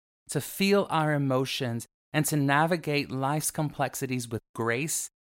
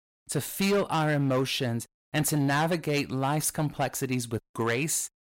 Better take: first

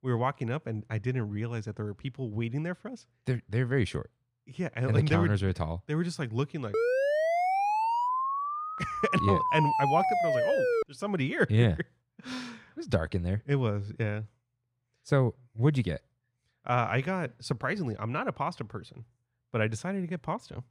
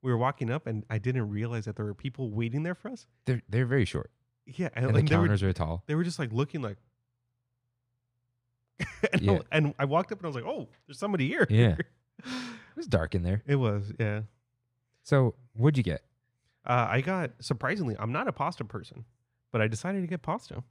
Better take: second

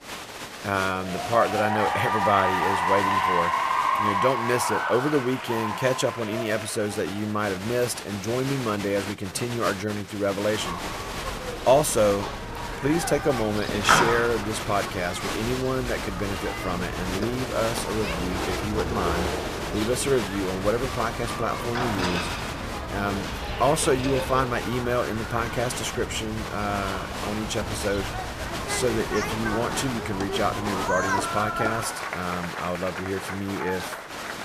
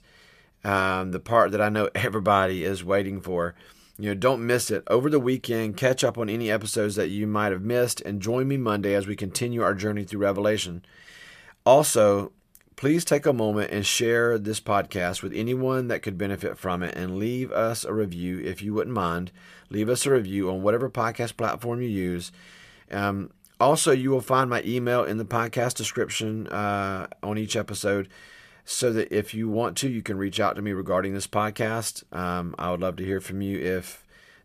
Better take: second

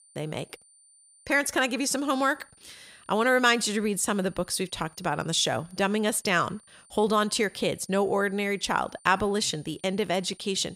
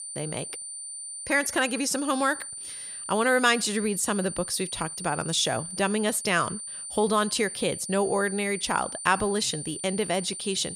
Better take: first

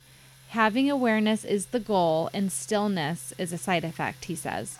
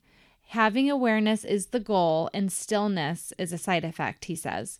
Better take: second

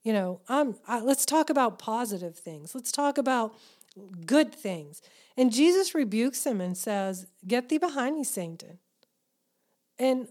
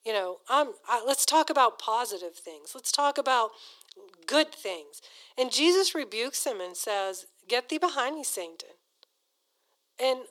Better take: first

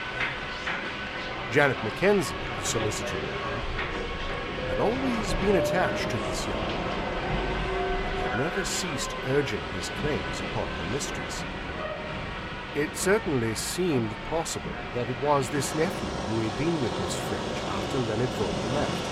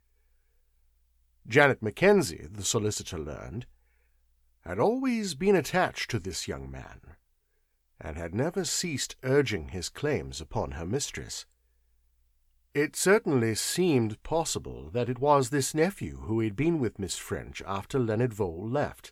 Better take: second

